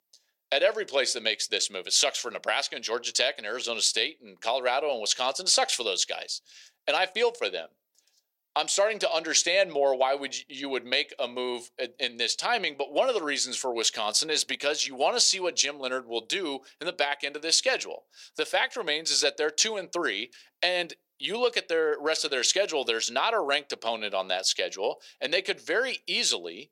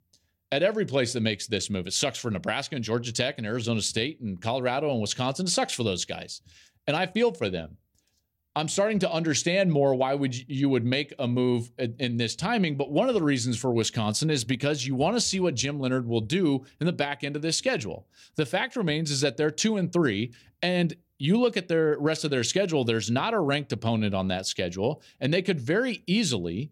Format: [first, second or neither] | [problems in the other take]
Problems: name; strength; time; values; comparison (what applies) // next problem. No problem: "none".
second | thin; very; fading below 500 Hz